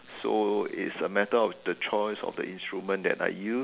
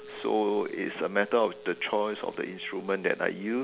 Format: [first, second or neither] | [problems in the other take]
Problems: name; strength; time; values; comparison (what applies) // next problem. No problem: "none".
first | background sound (Wind instrument, woodwind instrument); 19 dB below the speech